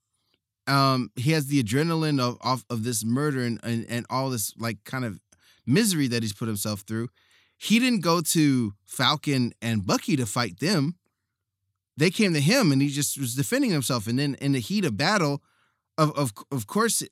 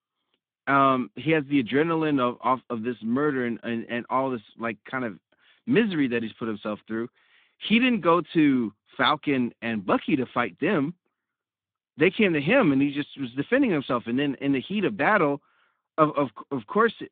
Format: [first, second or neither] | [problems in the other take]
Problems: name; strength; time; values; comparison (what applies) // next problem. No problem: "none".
first | phone-call audio; nothing above 3.5 kHz